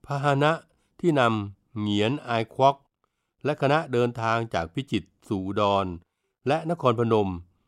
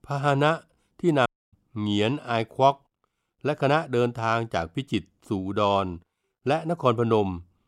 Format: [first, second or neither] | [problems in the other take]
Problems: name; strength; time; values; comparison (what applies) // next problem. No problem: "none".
first | audio cutting out; at 1.5 s